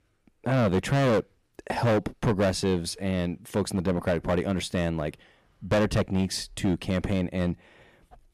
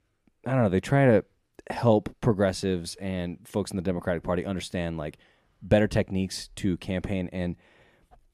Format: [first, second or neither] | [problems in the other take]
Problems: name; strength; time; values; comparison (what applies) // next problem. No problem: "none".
second | distortion; heavy; 9% of the sound clipped